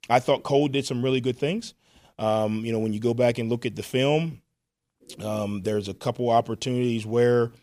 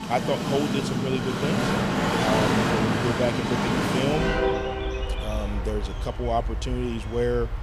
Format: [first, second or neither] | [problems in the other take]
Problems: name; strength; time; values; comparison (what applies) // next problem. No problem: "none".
first | train or aircraft noise; very loud; throughout; 3 dB above the speech